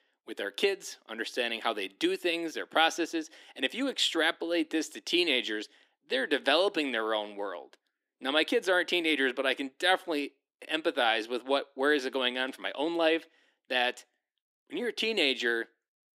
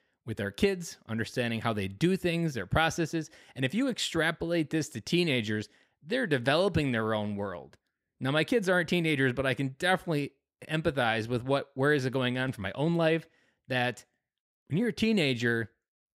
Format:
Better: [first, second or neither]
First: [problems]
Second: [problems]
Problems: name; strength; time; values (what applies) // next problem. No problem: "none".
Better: second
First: thin; somewhat; fading below 300 Hz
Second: none